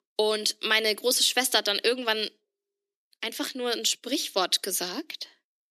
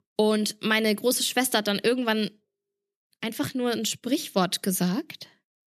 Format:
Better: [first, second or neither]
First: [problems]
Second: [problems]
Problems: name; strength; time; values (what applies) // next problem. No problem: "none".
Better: second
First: thin; somewhat; fading below 300 Hz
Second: none